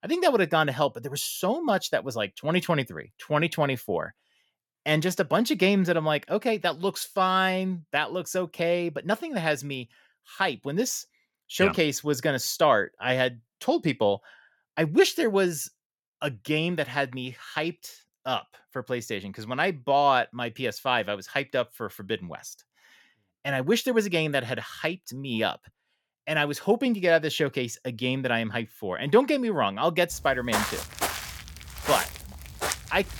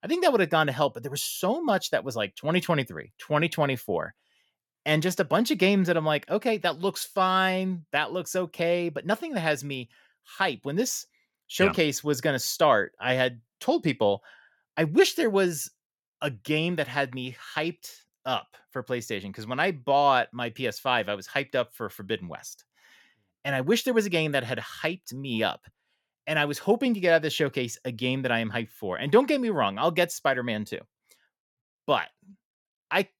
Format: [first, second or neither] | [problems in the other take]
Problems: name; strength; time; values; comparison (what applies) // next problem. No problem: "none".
second | footsteps; noticeable; from 30 s on; peak 2 dB below the speech